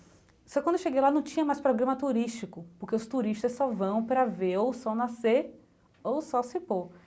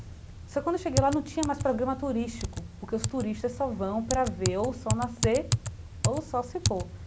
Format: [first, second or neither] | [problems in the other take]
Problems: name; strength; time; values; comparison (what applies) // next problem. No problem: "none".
first | background sound (Typing); 3 dB below the speech